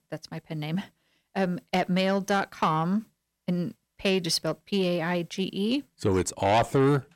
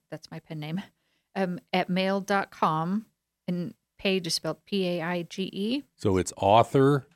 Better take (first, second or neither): second